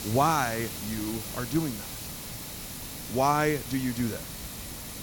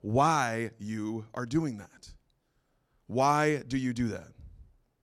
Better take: second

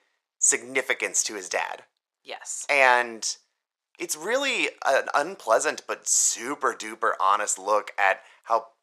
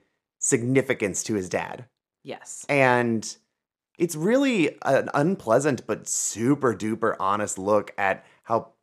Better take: second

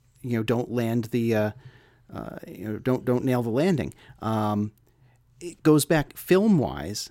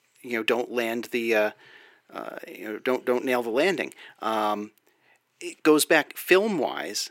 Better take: first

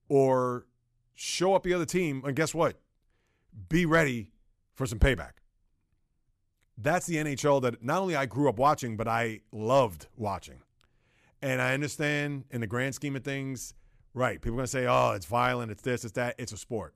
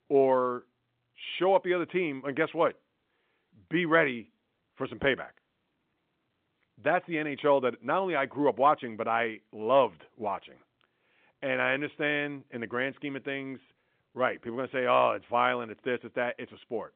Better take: first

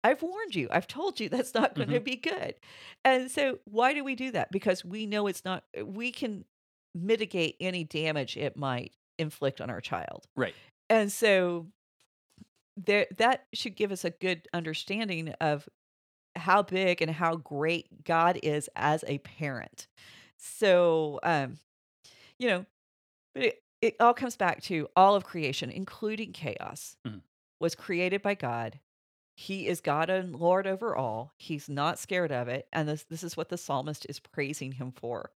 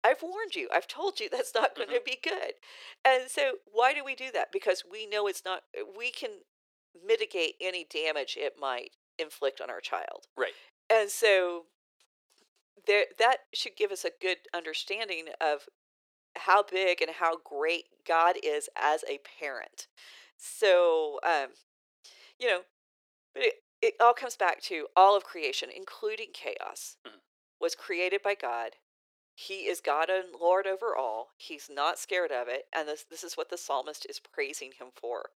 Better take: first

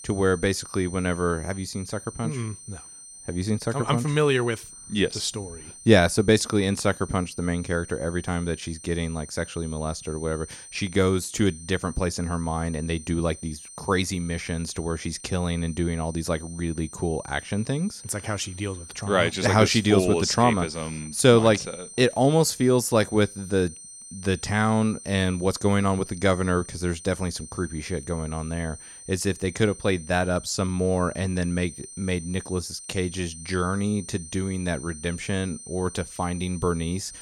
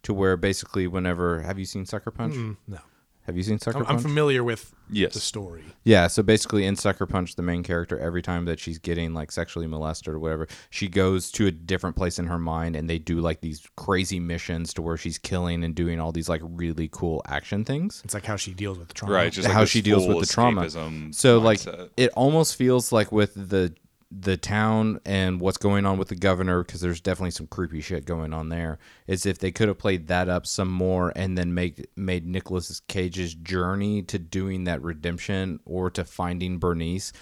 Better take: second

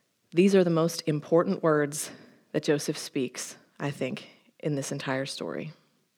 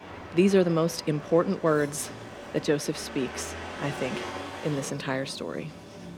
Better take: first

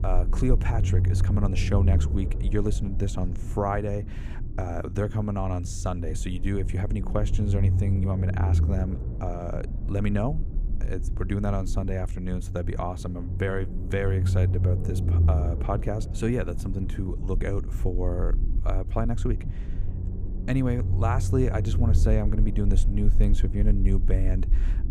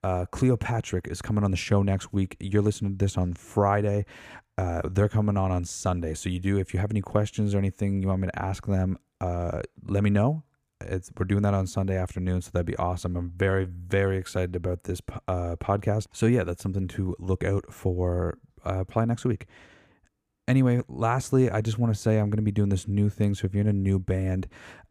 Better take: second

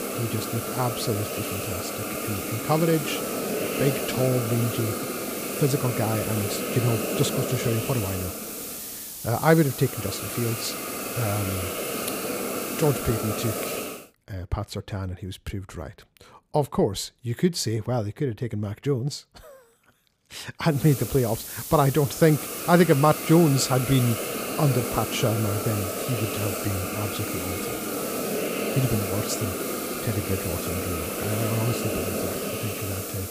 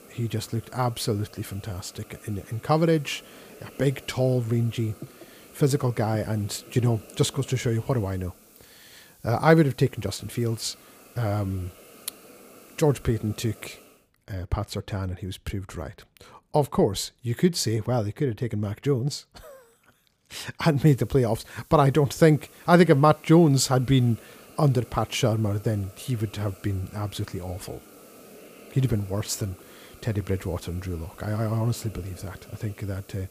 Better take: second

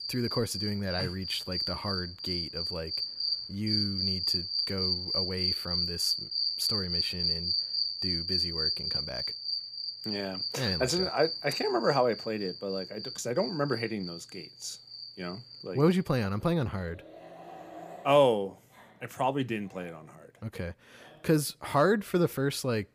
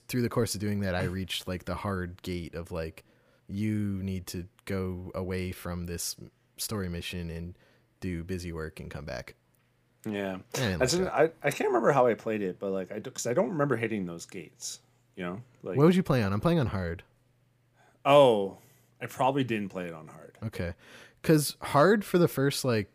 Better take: second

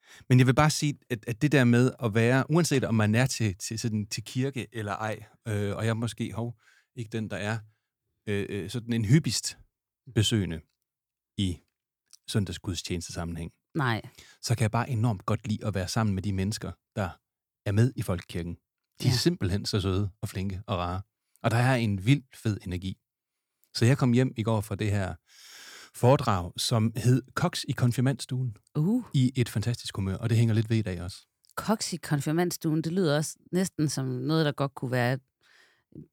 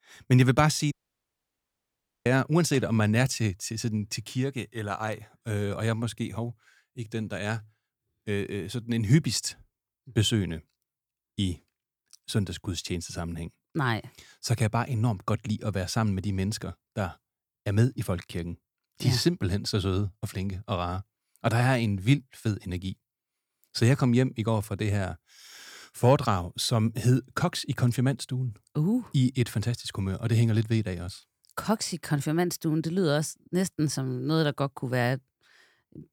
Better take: first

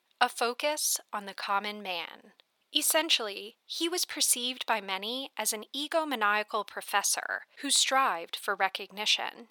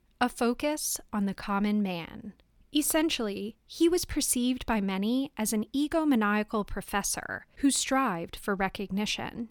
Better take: second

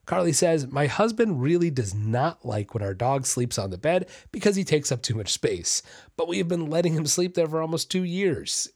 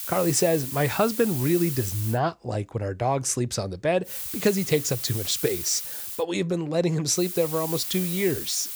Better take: first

